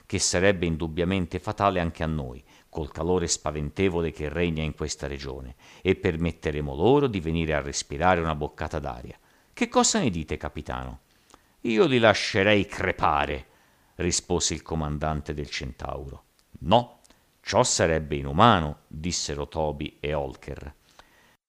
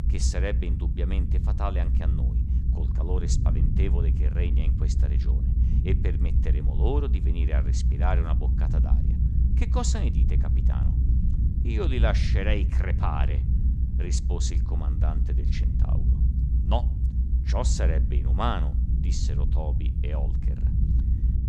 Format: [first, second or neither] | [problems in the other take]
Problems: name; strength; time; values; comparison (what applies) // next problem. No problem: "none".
first | low rumble; loud; throughout; 6 dB below the speech